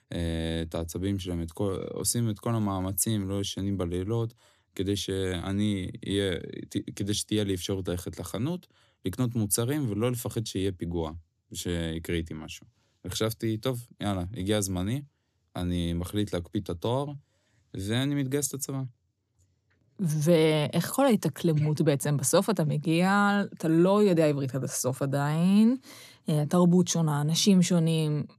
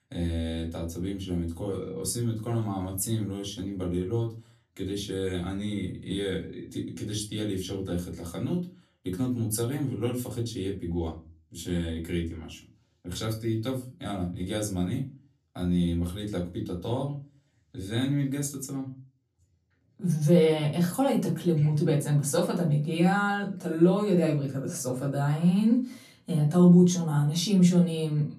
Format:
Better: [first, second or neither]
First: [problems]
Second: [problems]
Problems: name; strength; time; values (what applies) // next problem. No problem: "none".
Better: first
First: none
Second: off-mic speech; far // room echo; very slight; dies away in 0.3 s